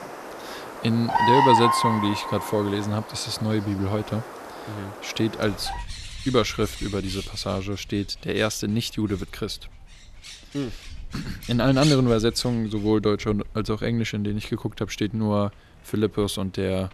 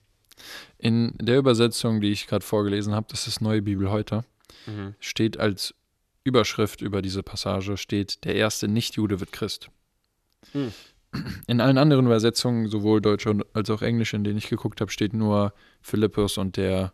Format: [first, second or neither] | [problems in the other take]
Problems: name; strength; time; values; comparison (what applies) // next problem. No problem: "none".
second | animal sounds; loud; throughout; 3 dB below the speech